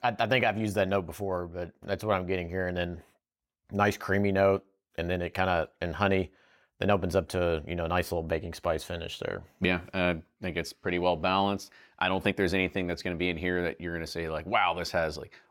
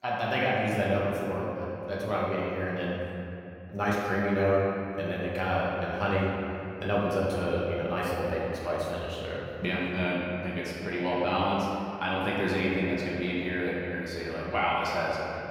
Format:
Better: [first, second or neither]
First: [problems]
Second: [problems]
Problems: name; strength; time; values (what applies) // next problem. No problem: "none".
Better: first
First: none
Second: room echo; strong; dies away in 2.8 s // off-mic speech; far